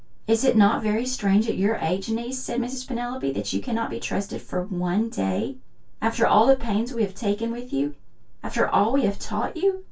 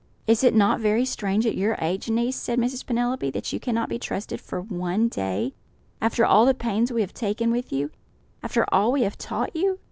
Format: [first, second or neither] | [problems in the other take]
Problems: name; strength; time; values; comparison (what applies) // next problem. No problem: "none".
second | room echo; dies away in 0.2 s